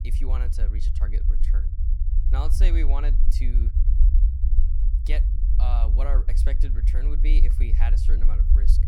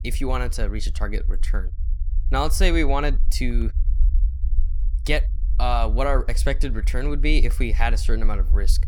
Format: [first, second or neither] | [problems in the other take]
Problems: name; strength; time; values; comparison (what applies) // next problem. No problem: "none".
second | low rumble; loud; throughout; 6 dB below the speech; faint in the second